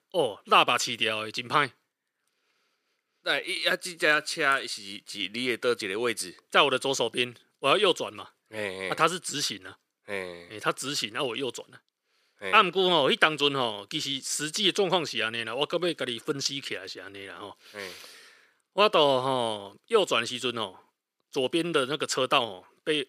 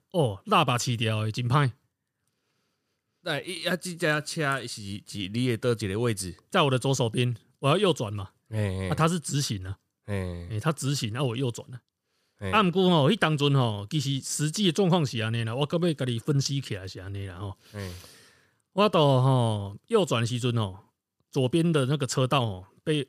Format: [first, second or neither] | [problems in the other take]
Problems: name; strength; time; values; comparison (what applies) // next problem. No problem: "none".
second | thin; somewhat; fading below 400 Hz